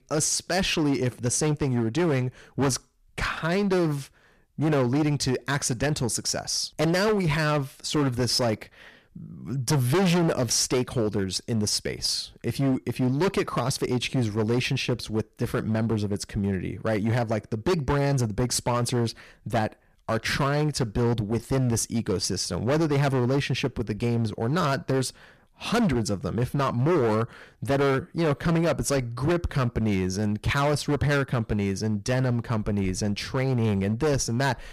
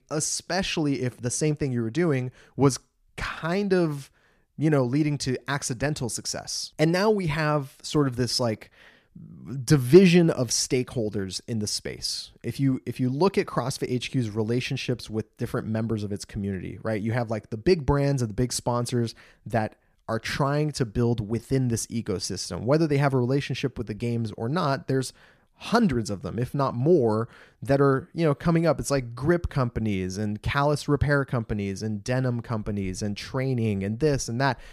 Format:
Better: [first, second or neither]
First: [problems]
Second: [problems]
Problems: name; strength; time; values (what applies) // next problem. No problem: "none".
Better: second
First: distortion; heavy; 14% of the sound clipped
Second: none